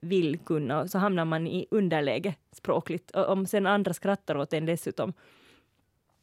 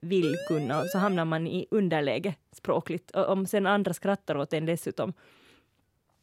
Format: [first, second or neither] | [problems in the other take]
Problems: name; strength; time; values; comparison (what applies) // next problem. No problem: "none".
first | siren; noticeable; at the start; peak 8 dB below the speech